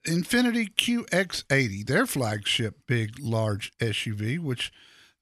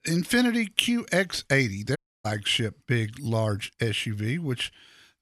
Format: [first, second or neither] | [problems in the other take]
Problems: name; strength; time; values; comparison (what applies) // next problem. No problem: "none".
first | audio cutting out; at 2 s